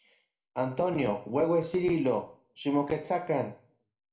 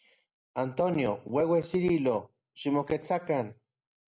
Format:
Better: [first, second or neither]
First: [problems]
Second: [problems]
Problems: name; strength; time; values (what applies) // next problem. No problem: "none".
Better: second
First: room echo; dies away in 0.4 s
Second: none